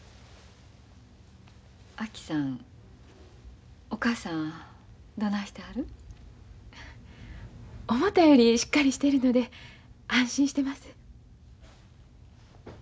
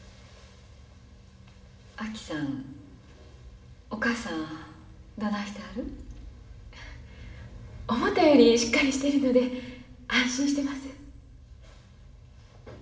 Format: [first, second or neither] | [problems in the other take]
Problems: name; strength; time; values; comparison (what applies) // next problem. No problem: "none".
first | room echo; dies away in 0.9 s